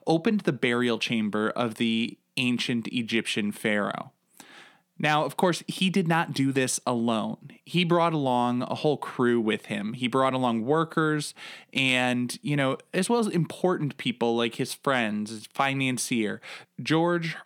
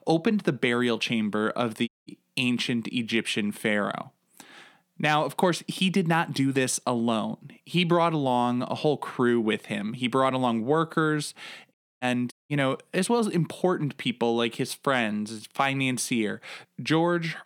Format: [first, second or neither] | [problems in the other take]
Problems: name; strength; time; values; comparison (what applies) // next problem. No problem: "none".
first | audio cutting out; at 2 s and at 12 s